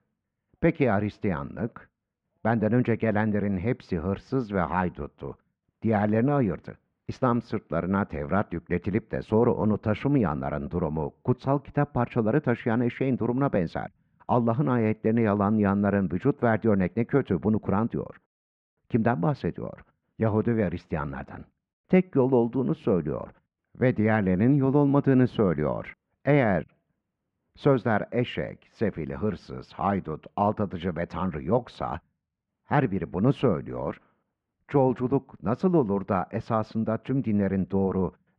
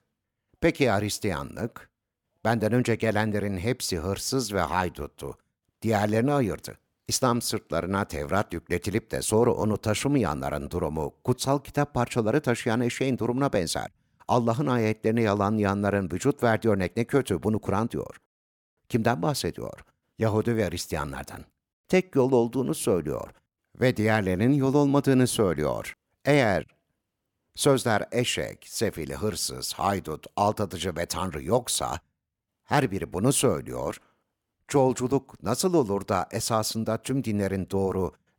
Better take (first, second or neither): second